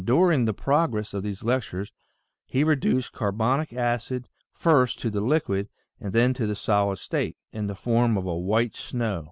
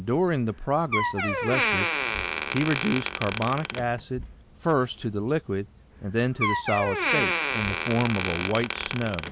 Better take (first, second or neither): first